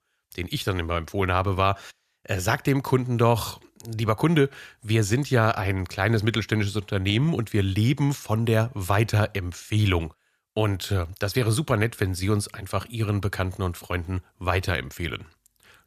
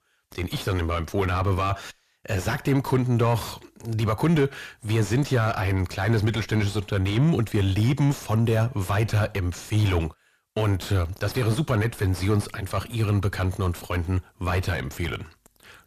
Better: first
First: none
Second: distortion; heavy; 7 dB below the speech

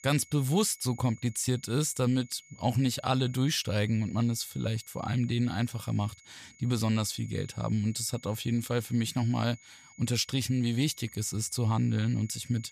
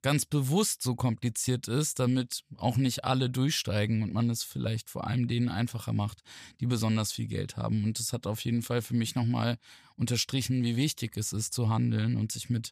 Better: second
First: high-pitched whine; faint; throughout; 2 kHz, 25 dB below the speech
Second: none

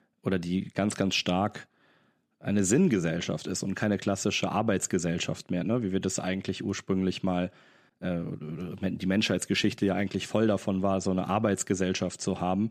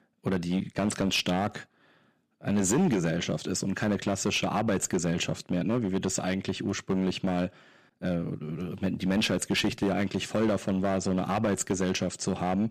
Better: first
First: none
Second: distortion; slight; 6% of the sound clipped

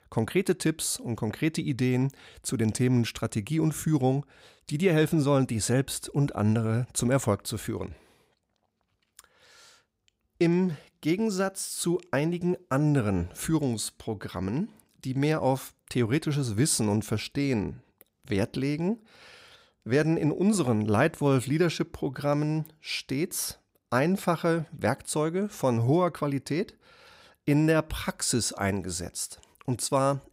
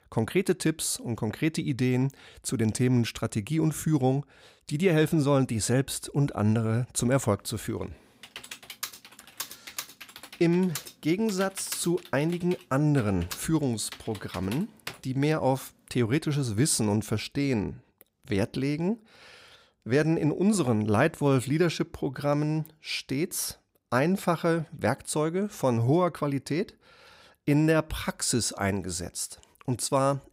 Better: first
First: none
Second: keyboard typing; noticeable; from 8 to 15 s; peak 10 dB below the speech

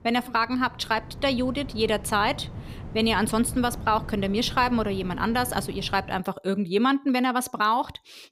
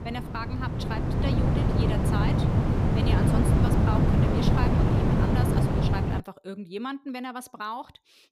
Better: first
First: wind noise on the microphone; occasional gusts; until 6 s; 20 dB below the speech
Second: wind noise on the microphone; heavy; until 6 s; 5 dB above the speech

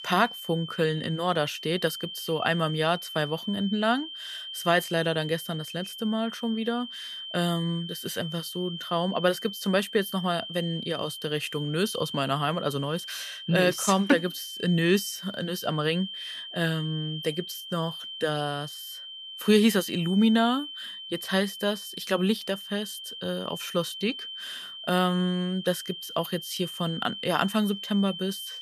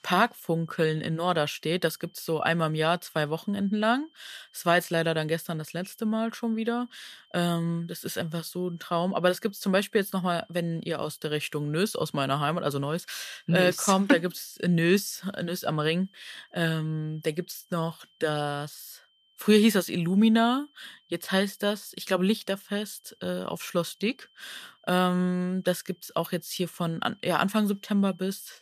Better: second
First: high-pitched whine; loud; throughout; 3 kHz, 9 dB below the speech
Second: high-pitched whine; faint; throughout; 3 kHz, 35 dB below the speech

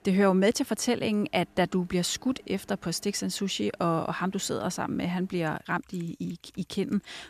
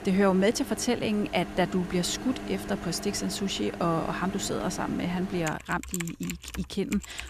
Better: first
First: household noises; faint; throughout; 30 dB below the speech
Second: household noises; loud; throughout; 10 dB below the speech

